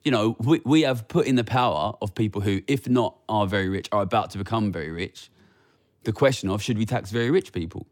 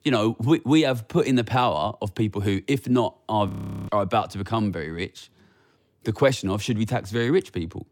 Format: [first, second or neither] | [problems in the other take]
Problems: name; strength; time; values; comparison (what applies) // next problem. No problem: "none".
first | audio freezing; at 3.5 s